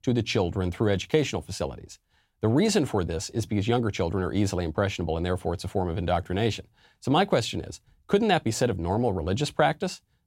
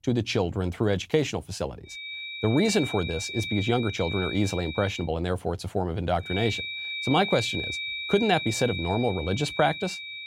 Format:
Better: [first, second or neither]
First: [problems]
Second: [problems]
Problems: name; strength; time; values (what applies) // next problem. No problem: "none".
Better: first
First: none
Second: high-pitched whine; loud; from 2 to 5 s and from 6.5 s on; 2.5 kHz, 5 dB below the speech